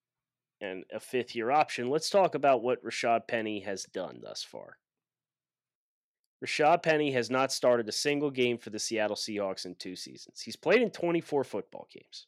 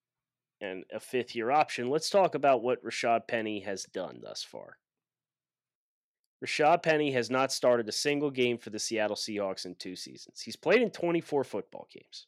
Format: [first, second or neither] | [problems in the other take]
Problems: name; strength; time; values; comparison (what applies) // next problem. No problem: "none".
neither | none